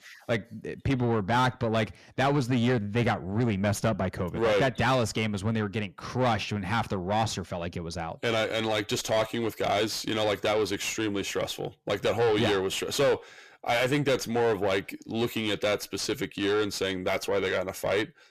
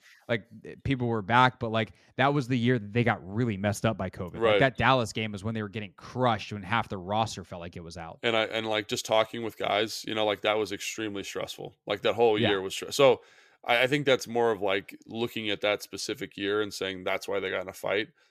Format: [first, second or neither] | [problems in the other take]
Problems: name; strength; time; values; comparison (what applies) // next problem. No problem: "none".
second | distortion; heavy; 6 dB below the speech